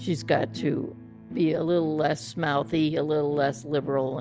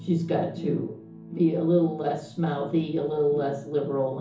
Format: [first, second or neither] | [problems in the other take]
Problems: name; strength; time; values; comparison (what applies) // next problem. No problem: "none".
first | room echo; dies away in 0.7 s